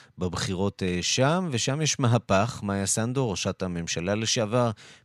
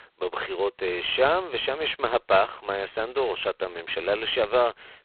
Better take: first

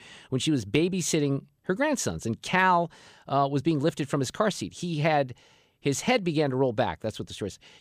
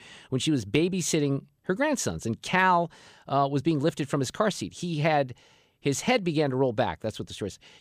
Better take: neither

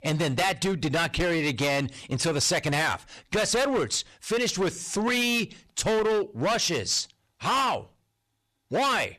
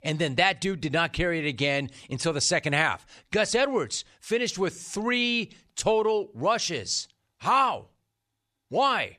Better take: second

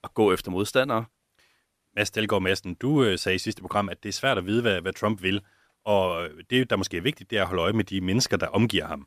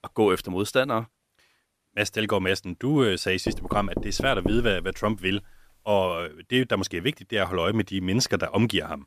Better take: first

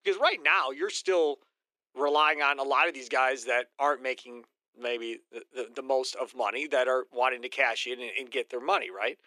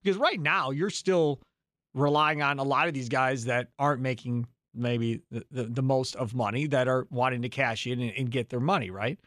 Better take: second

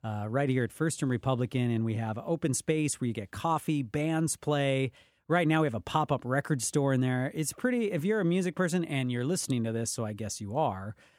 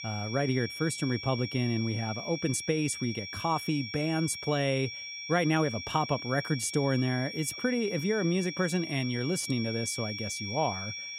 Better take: first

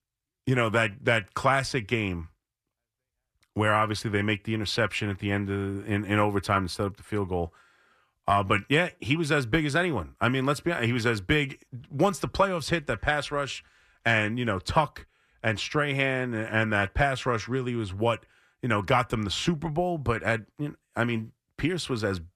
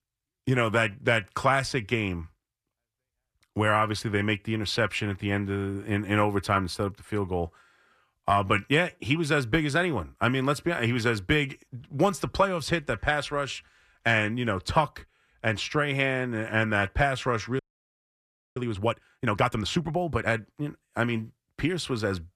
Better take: first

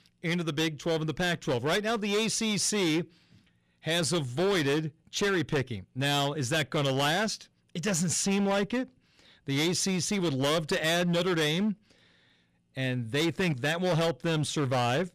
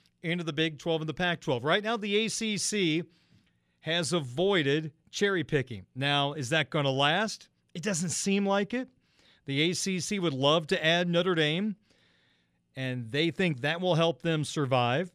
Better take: second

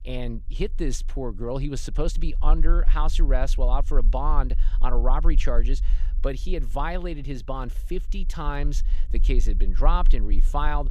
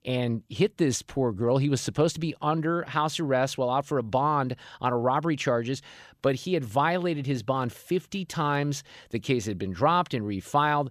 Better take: second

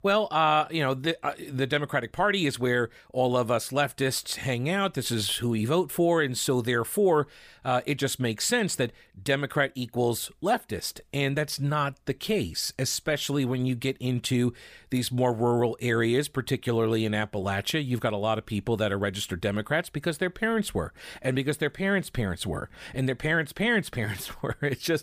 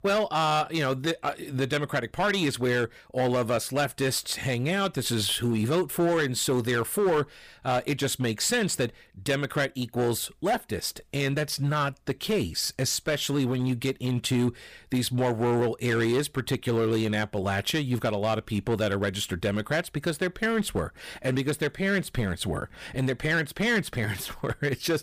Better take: first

